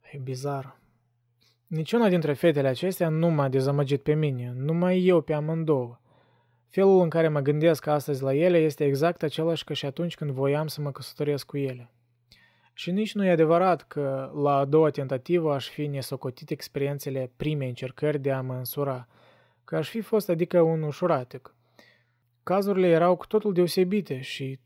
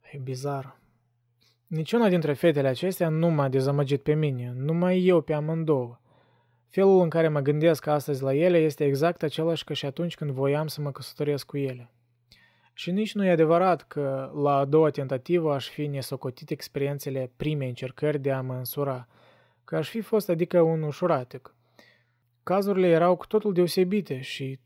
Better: neither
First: none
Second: none

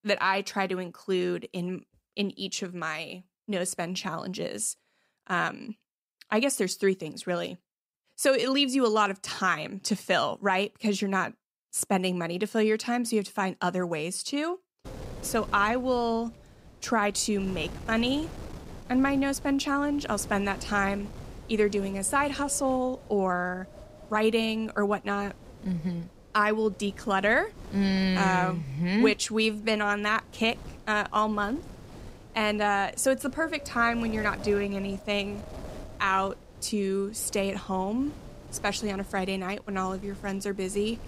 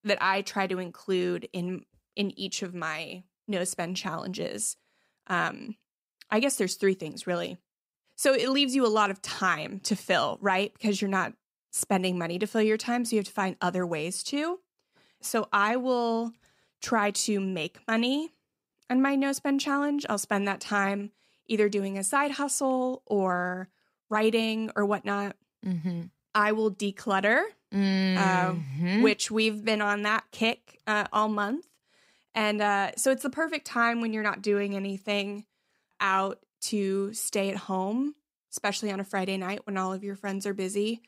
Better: second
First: wind noise on the microphone; occasional gusts; from 15 s on; 20 dB below the speech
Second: none

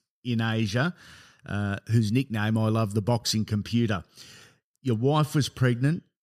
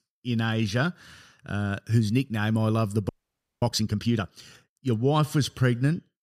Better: first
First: none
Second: audio freezing; at 3 s for 0.5 s

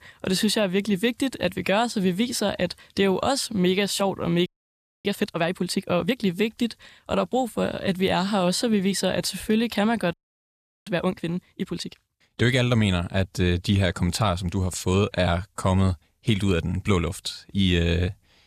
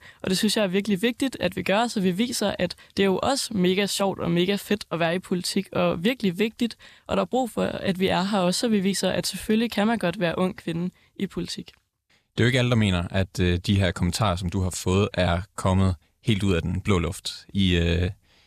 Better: second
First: audio freezing; at 4.5 s for 0.5 s and at 10 s for 0.5 s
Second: none

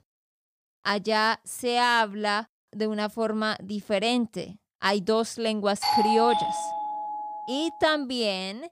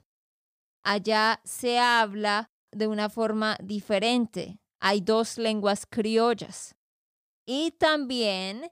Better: second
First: doorbell; loud; from 6 to 7.5 s; peak 3 dB above the speech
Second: none

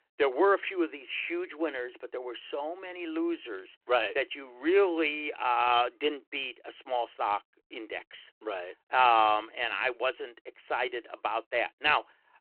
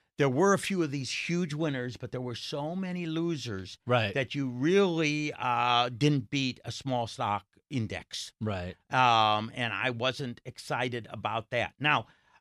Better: second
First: phone-call audio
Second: none

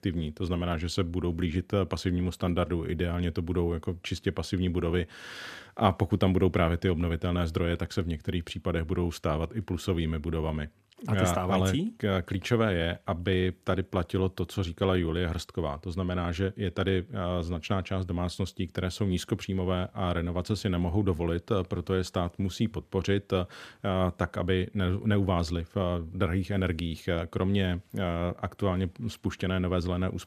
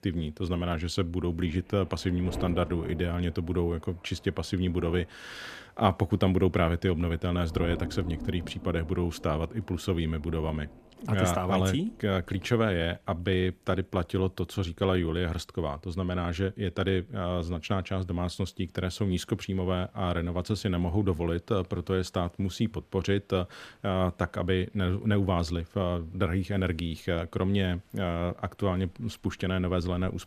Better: first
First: none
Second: rain or running water; noticeable; throughout; 15 dB below the speech

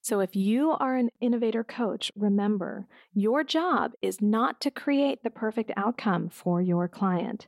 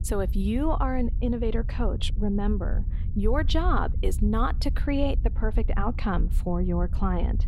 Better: first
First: none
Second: wind noise on the microphone; occasional gusts; 15 dB below the speech

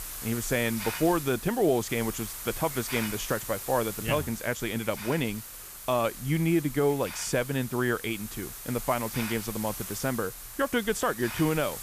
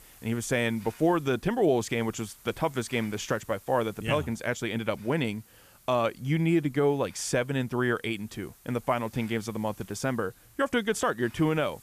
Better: second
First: hiss; loud; throughout; 8 dB below the speech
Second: hiss; faint; throughout; 25 dB below the speech

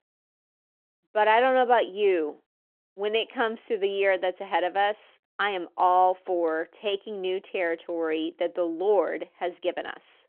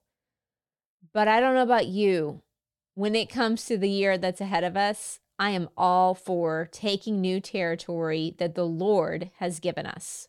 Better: second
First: phone-call audio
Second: none

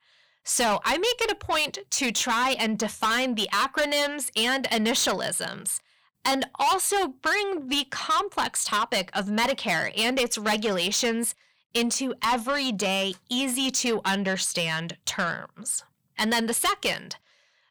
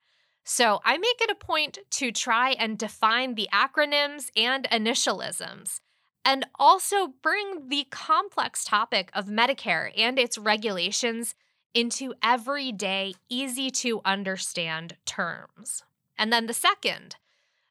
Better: second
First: distortion; heavy; 6 dB below the speech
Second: none

